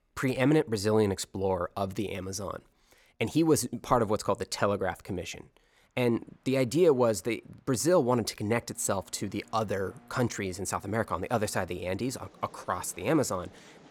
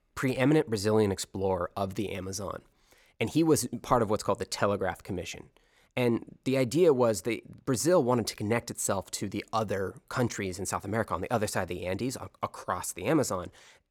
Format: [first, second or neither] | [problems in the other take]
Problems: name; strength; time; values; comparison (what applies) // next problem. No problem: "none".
second | train or aircraft noise; faint; throughout; 30 dB below the speech